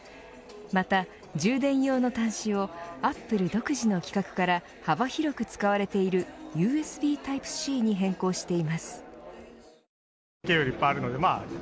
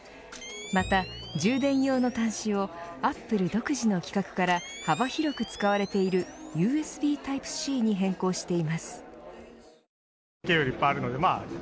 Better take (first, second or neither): first